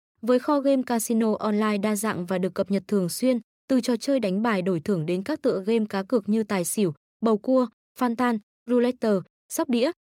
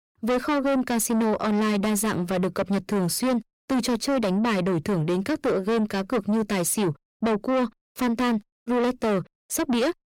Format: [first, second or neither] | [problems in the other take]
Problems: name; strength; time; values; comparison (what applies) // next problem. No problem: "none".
first | distortion; heavy; 7 dB below the speech